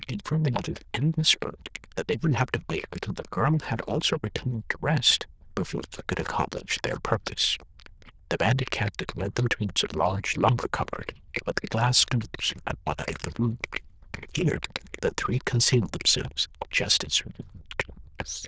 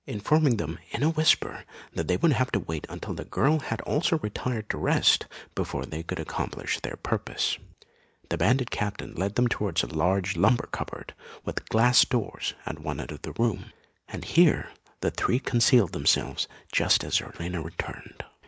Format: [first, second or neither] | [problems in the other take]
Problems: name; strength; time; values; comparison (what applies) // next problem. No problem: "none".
second | noise reduction (neural diffusion model UNIVERSE++)